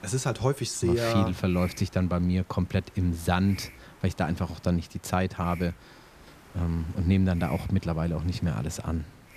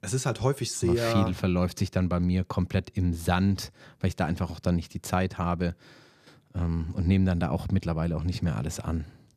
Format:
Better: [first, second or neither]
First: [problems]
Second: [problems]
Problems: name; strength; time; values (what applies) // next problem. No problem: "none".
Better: second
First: hiss; faint; throughout; 20 dB below the speech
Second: none